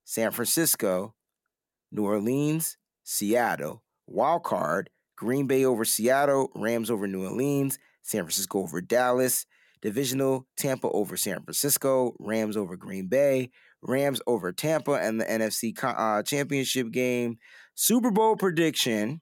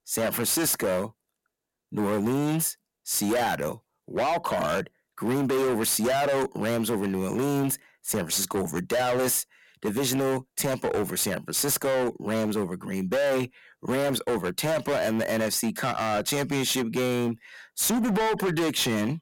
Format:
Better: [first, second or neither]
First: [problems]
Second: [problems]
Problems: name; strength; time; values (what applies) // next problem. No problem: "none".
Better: first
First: none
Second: distortion; heavy; 21% of the sound clipped